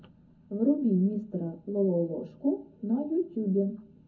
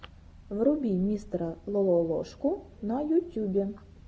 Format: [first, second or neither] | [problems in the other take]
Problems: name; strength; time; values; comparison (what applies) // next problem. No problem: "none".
second | room echo; dies away in 0.4 s